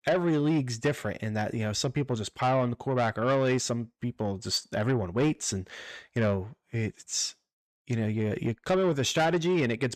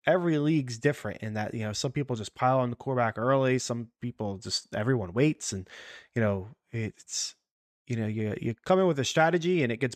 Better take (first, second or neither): second